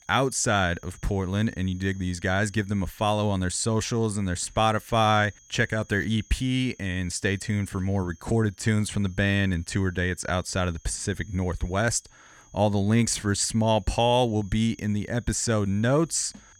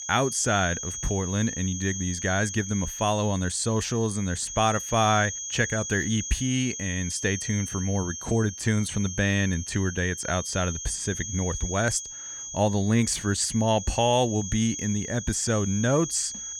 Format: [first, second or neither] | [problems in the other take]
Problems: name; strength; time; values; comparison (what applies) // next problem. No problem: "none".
first | high-pitched whine; loud; throughout; 6.5 kHz, 7 dB below the speech; faint in the first